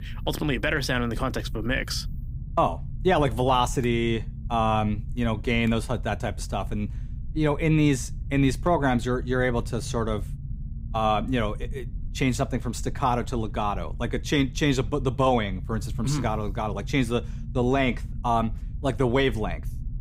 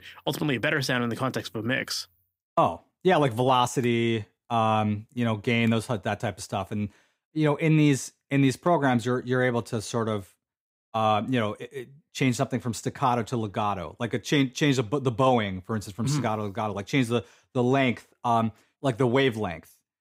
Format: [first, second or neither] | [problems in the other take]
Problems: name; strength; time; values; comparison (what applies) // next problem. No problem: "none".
second | low rumble; faint; throughout; 25 dB below the speech